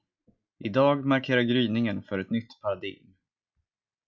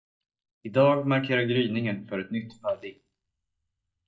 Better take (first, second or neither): first